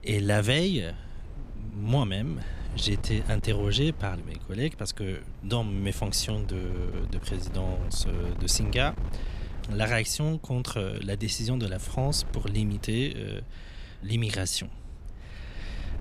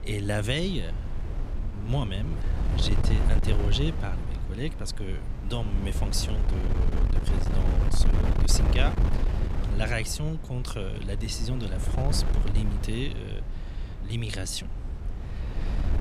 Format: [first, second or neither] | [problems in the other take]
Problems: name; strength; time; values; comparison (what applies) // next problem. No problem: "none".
first | wind noise on the microphone; heavy; 6 dB below the speech; occasional gusts in the first